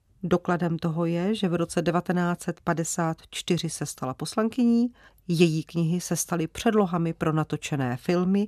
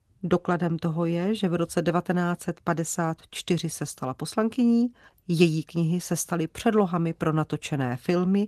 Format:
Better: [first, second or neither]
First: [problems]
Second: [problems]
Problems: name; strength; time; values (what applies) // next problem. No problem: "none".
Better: first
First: none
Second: garbled, watery; slightly; nothing above 13.5 kHz